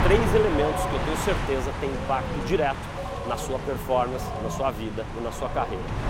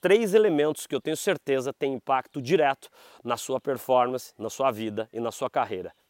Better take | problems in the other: second | wind noise on the microphone; heavy; 3 dB below the speech

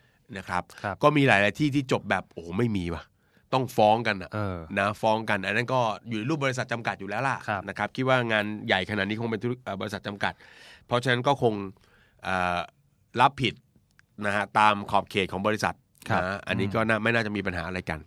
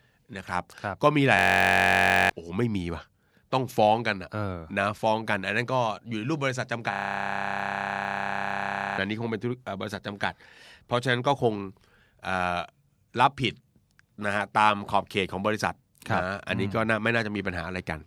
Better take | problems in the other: first | audio freezing; at 1.5 s for 1 s and at 7 s for 2 s

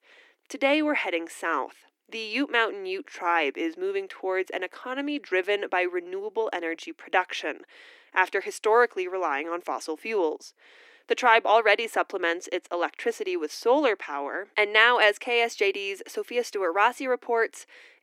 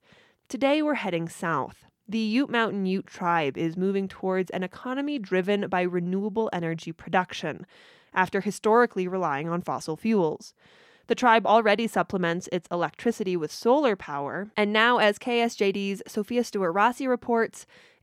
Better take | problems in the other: second | thin; somewhat; fading below 300 Hz

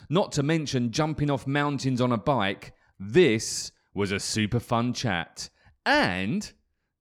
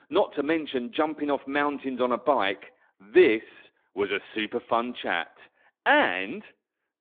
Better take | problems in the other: first | phone-call audio

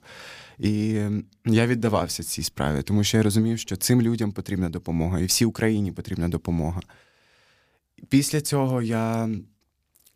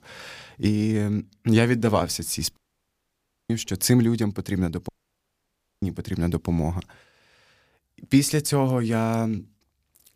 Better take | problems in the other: first | audio cutting out; at 2.5 s for 1 s and at 5 s for 1 s

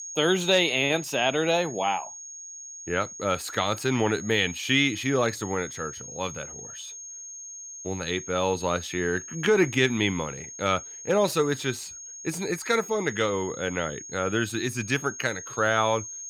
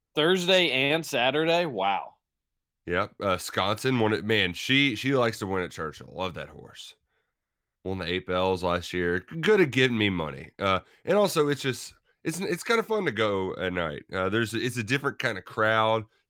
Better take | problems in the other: second | high-pitched whine; noticeable; throughout; 6.5 kHz, 10 dB below the speech

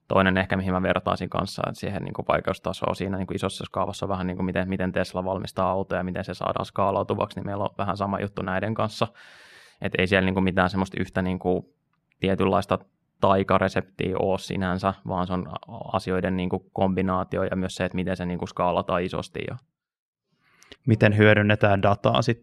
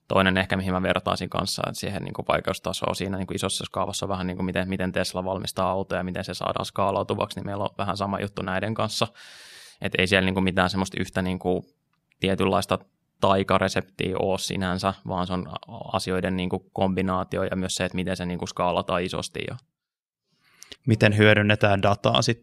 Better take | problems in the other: second | muffled; slightly; fading above 3 kHz

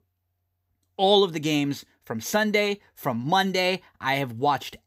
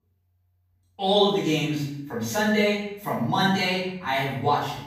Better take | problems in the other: first | off-mic speech; far // room echo; noticeable; dies away in 0.7 s

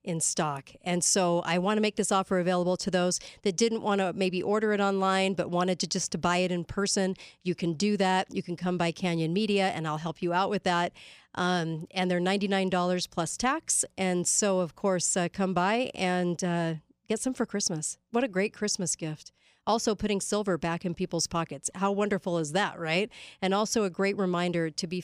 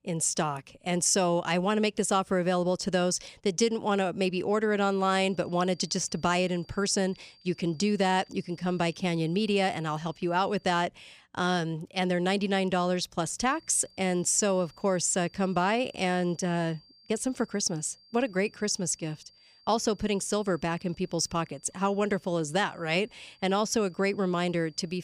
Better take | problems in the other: first | high-pitched whine; faint; from 5 to 11 s and from 13 s on; 4.5 kHz, 30 dB below the speech

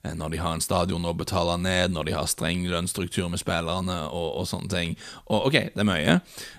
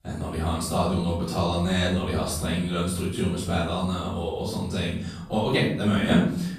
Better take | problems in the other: first | room echo; noticeable; dies away in 0.8 s // off-mic speech; far

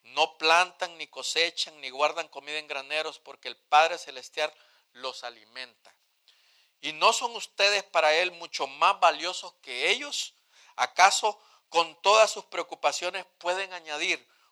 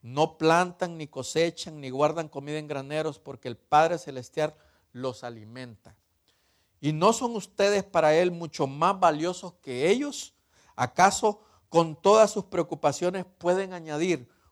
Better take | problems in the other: second | thin; very; fading below 800 Hz

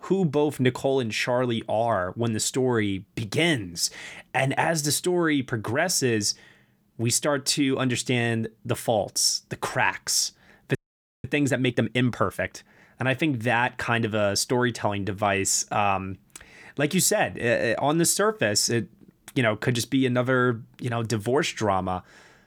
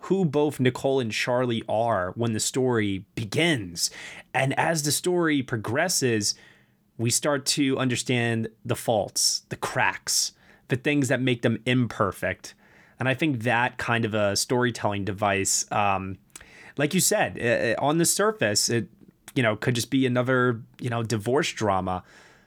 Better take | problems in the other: second | audio freezing; at 11 s

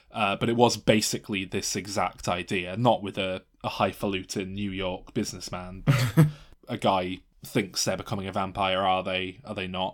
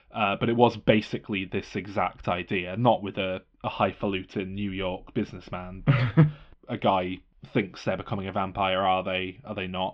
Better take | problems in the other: first | muffled; very; fading above 3 kHz

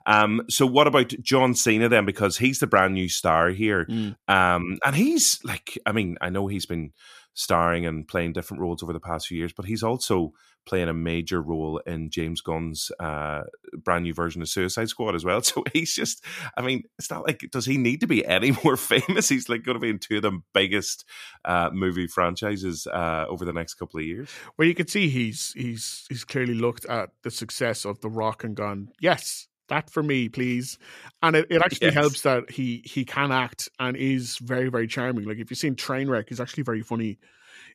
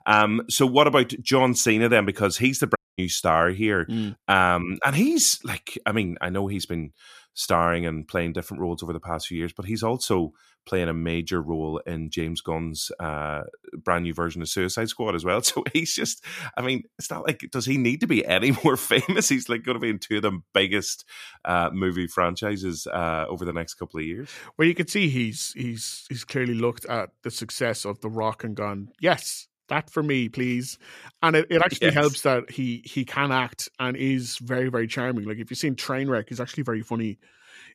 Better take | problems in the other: first | audio cutting out; at 3 s

